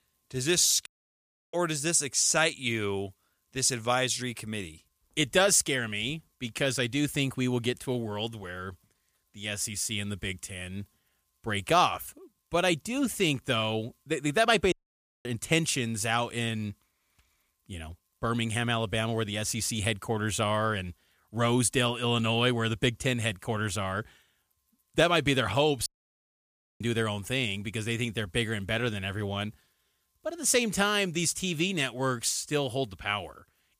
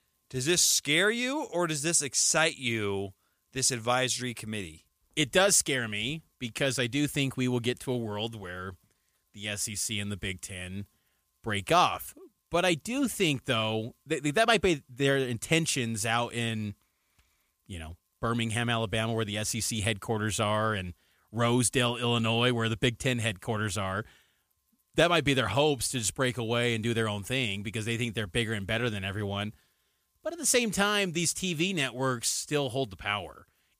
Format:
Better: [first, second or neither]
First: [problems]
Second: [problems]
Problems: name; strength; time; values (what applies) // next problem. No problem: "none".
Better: second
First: audio cutting out; at 1 s for 0.5 s, at 15 s for 0.5 s and at 26 s for 1 s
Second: none